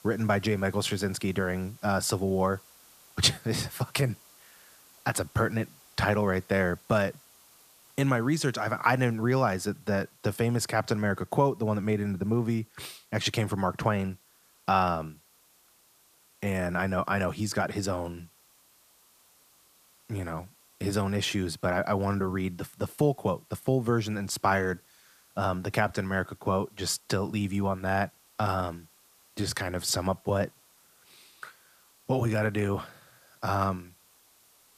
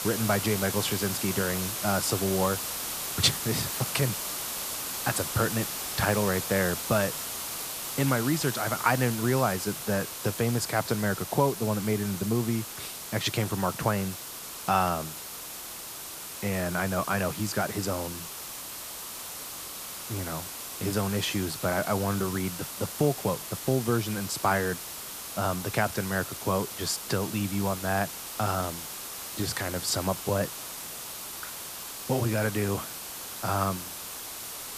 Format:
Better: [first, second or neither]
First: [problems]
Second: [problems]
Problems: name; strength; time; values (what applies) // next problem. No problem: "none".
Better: first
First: hiss; faint; throughout; 30 dB below the speech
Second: hiss; loud; throughout; 5 dB below the speech